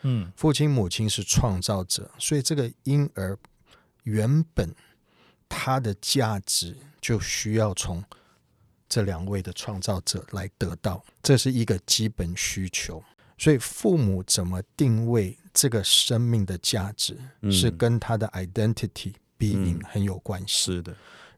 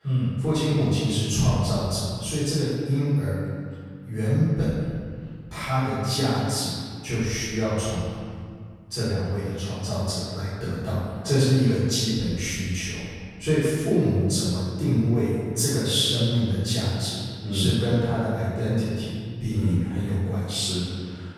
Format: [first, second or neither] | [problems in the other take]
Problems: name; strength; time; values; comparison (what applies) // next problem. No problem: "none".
first | off-mic speech; far // room echo; strong; dies away in 2 s